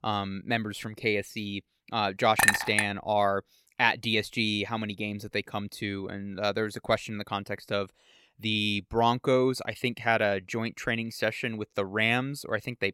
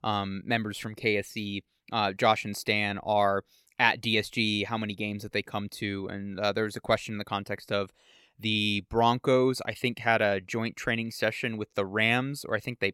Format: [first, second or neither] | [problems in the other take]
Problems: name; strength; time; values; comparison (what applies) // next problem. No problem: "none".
second | clattering dishes; loud; at 2.5 s; peak 6 dB above the speech